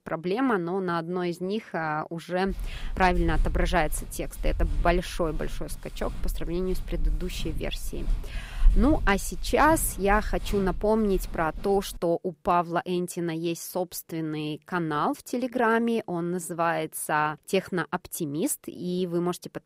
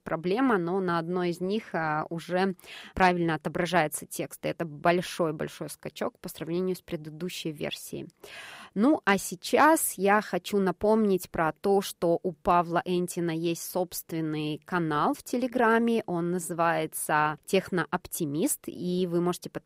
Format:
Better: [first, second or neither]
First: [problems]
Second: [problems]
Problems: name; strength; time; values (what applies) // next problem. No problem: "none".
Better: second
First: footsteps; loud; from 2.5 to 11 s; peak 1 dB above the speech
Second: none